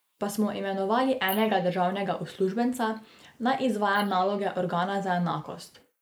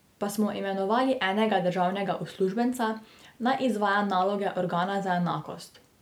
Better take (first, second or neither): second